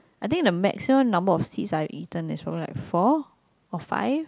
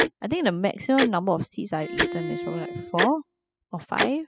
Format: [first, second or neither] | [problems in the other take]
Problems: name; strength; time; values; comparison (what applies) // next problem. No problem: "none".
first | noise reduction (classical method spectral subtraction)